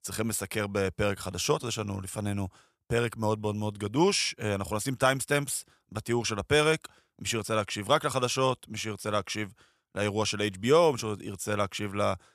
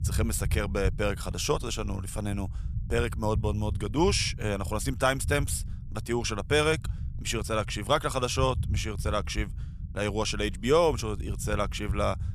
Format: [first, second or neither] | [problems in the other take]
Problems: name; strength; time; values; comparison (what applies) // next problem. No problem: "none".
first | low rumble; faint; throughout; 20 dB below the speech